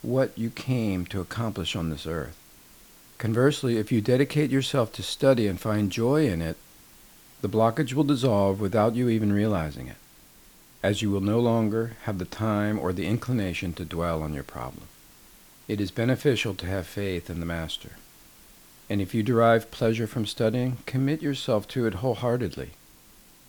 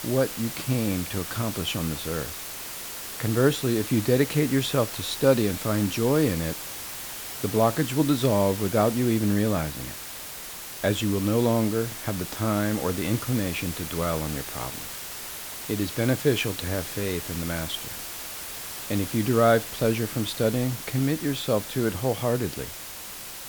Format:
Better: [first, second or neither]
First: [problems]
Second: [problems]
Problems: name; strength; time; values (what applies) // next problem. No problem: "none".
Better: first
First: hiss; faint; throughout; 25 dB below the speech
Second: hiss; loud; throughout; 8 dB below the speech